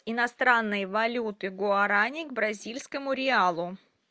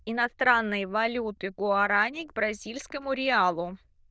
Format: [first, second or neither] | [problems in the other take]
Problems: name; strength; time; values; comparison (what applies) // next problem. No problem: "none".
first | noise reduction (neural diffusion model UNIVERSE++)